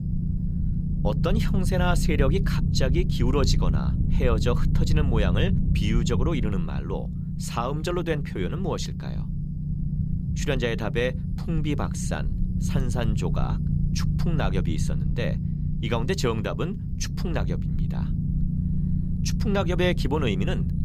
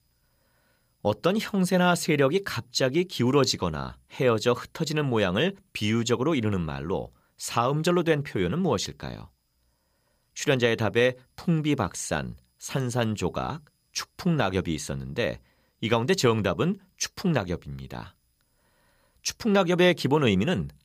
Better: second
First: low rumble; loud; throughout; 8 dB below the speech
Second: none

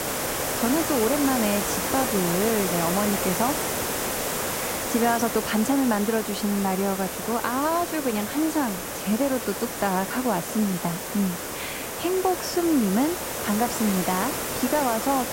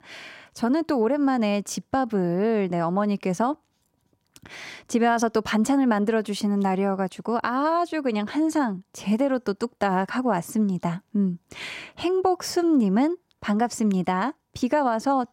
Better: second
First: hiss; loud; throughout; 2 dB below the speech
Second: none

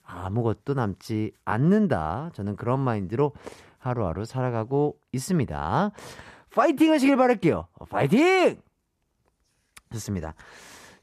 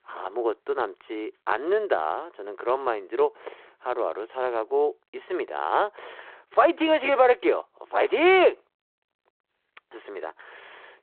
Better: first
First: none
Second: phone-call audio

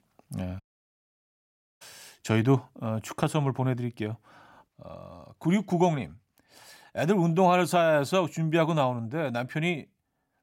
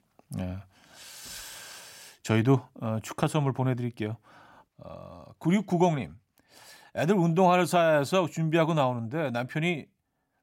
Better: second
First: audio cutting out; at 0.5 s for 1 s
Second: none

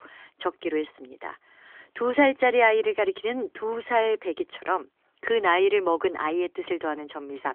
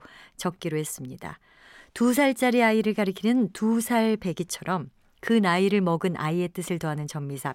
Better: second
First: phone-call audio; nothing above 3.5 kHz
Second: none

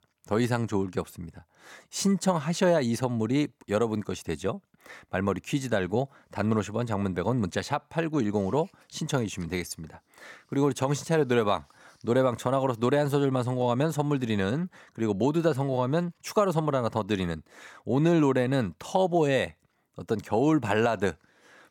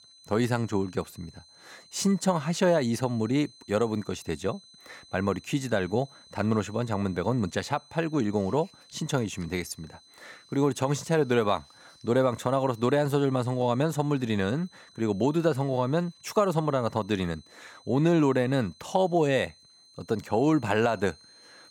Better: first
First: none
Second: high-pitched whine; faint; throughout; 4 kHz, 25 dB below the speech

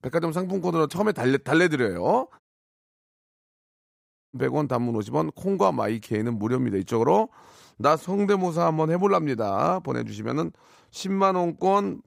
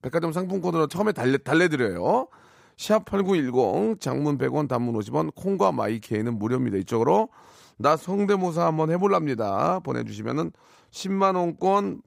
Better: second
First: audio cutting out; at 2.5 s for 2 s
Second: none

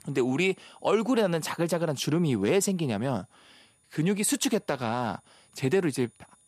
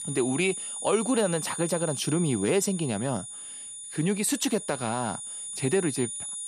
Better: first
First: high-pitched whine; faint; throughout; 9.5 kHz, 35 dB below the speech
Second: high-pitched whine; loud; throughout; 9.5 kHz, 6 dB below the speech

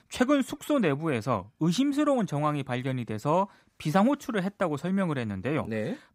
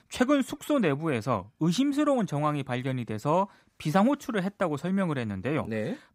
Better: neither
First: none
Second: none

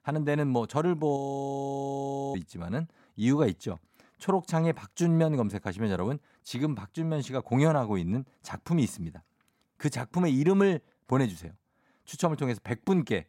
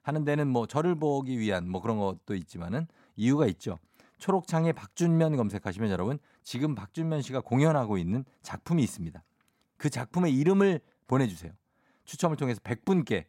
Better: second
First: audio freezing; at 1 s for 1 s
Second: none

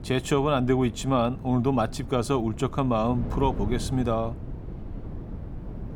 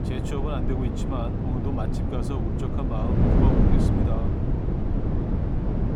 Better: first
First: wind noise on the microphone; occasional gusts; 20 dB below the speech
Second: wind noise on the microphone; heavy; 3 dB above the speech

